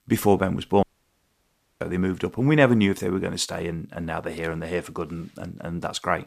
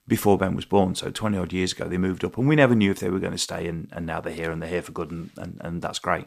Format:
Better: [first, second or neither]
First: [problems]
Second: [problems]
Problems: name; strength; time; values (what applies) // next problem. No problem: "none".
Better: second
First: audio cutting out; at 1 s for 1 s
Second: none